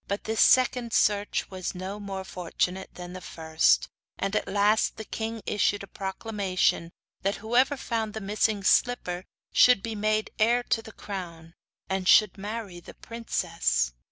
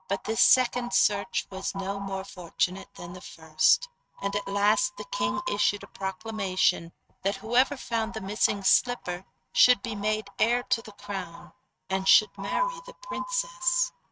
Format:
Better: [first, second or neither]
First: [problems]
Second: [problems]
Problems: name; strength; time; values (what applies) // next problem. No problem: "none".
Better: first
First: none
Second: noise reduction (neural mask model RNNoise)